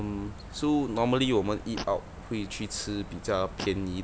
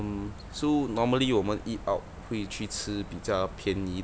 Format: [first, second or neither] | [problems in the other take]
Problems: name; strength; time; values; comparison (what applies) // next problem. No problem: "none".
second | background sound (Fart); 16 dB below the speech